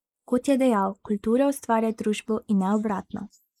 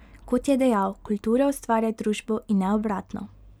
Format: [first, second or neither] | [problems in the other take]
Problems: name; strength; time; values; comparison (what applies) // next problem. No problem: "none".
second | noise reduction (neural mask model Resemble Enhance denoiser)